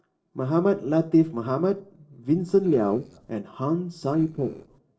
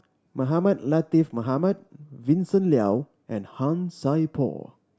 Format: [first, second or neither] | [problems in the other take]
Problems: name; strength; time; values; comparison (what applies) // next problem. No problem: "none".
second | noise reduction (neural separator model SepFormer DNS4)